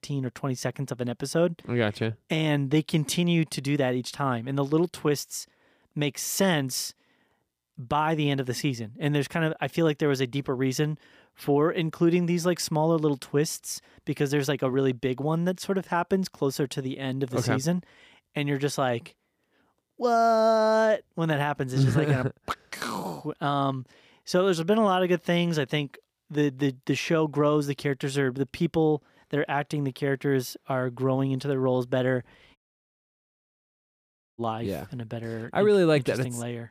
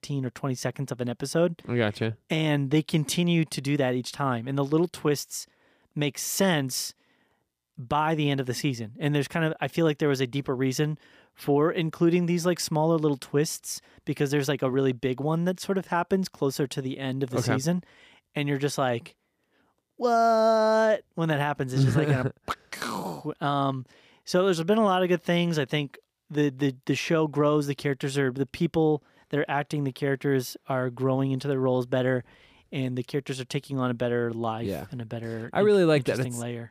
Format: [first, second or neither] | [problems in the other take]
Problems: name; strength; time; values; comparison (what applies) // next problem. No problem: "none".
second | audio cutting out; at 33 s for 2 s